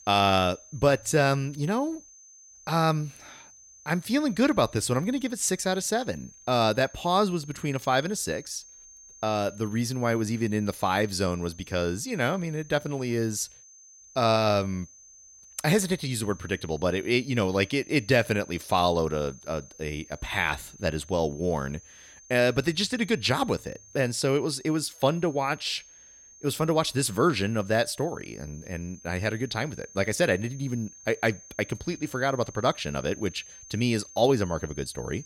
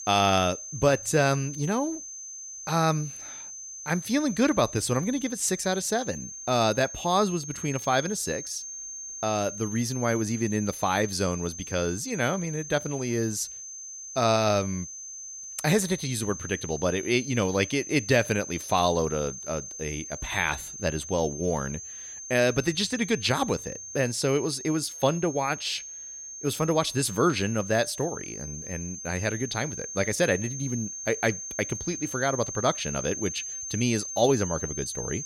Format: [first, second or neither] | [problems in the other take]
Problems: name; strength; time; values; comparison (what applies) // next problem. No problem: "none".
first | high-pitched whine; loud; throughout; 6.5 kHz, 9 dB below the speech; faint in the first